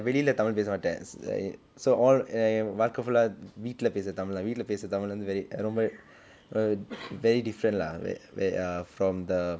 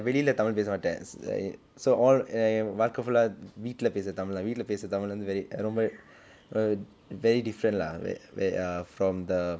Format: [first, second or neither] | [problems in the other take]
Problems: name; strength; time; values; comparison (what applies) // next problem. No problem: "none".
second | background sound (Cough); 19 dB below the speech